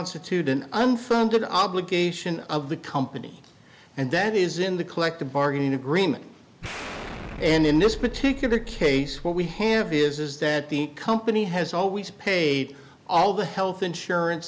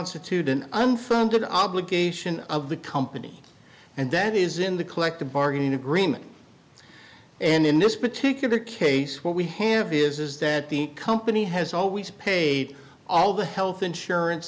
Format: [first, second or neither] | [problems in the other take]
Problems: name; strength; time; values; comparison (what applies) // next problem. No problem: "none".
second | background sound (Explosion); 12 dB below the speech